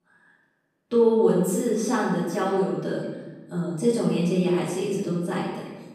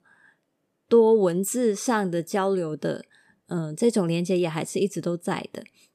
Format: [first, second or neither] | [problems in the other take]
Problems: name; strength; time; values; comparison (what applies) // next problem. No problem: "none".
second | off-mic speech; far // room echo; noticeable; dies away in 1.1 s